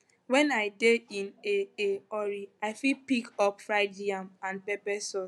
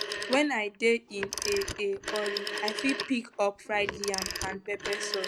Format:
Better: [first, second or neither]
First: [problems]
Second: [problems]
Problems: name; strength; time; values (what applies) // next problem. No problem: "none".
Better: first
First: none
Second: background sound (Telephone); 5 dB below the speech